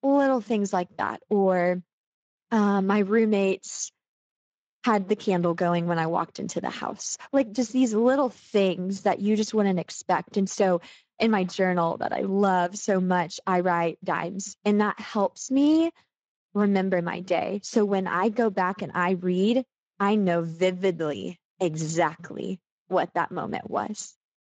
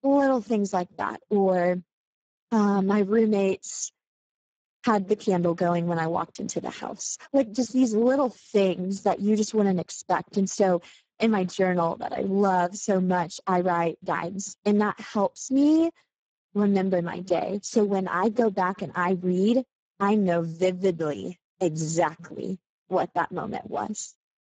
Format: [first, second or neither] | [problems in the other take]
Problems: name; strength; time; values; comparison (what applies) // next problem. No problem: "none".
first | garbled, watery; badly; nothing above 7.5 kHz; slightly in the first